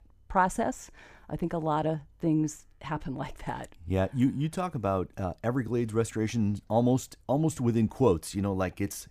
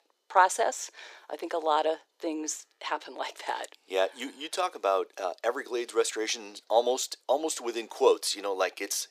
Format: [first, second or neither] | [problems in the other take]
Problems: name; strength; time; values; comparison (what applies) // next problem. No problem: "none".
first | thin; very; fading below 400 Hz